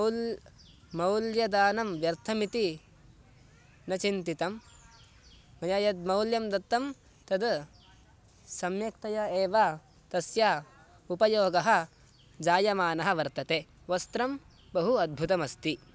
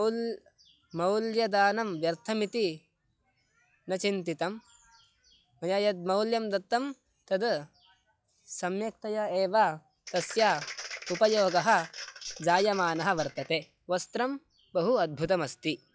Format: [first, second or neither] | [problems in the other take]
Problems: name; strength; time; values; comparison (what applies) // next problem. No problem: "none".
first | noise reduction (classical method log-MMSE)